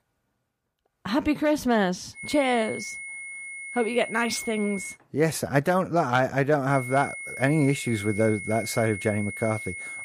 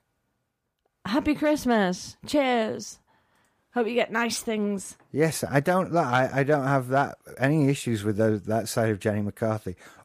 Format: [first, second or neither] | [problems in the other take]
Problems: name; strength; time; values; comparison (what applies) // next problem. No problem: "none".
second | high-pitched whine; loud; from 2 to 5 s and from 6.5 s on; 2 kHz, 9 dB below the speech